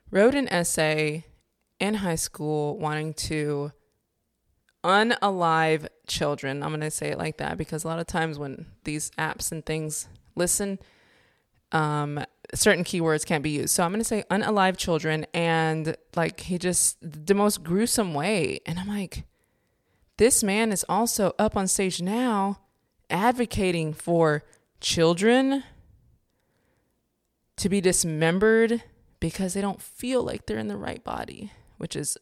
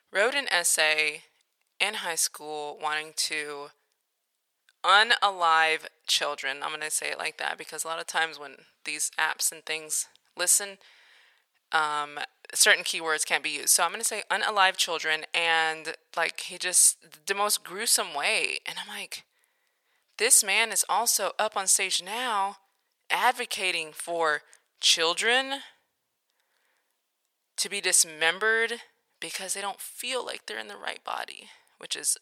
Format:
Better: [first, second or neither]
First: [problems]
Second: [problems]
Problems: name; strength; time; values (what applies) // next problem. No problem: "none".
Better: first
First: none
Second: thin; very; fading below 950 Hz